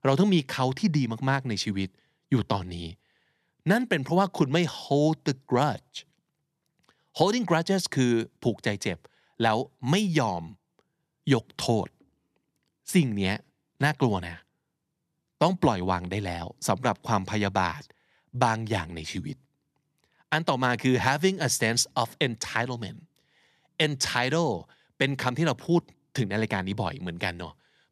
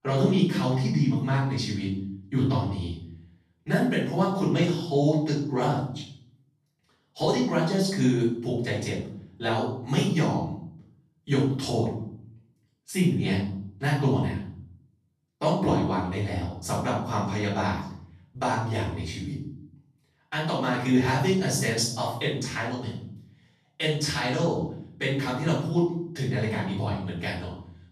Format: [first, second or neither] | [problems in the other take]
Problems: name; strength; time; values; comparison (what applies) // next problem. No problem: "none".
first | off-mic speech; far // room echo; noticeable; dies away in 0.7 s